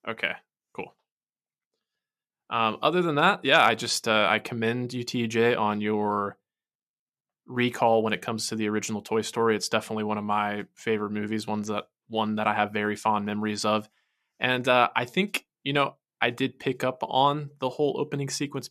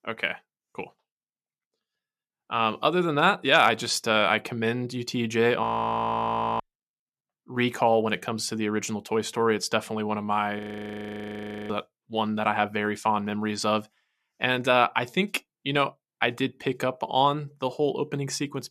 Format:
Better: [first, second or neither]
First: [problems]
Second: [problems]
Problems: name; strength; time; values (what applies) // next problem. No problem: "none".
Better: first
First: none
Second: audio freezing; at 5.5 s for 1 s and at 11 s for 1 s